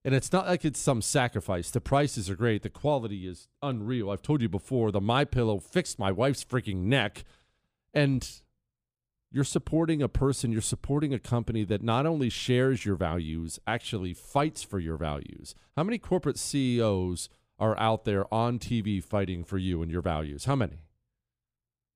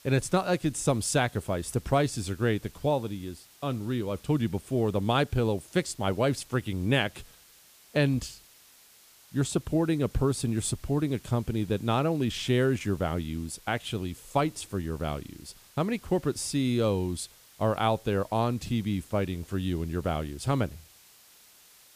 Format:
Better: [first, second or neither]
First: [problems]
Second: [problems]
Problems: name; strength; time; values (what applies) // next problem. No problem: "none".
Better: first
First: none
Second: hiss; faint; throughout; 25 dB below the speech